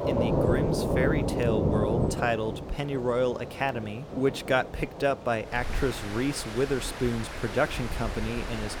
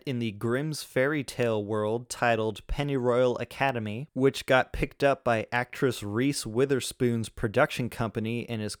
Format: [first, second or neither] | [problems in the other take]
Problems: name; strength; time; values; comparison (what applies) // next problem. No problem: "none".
second | rain or running water; loud; throughout; 2 dB below the speech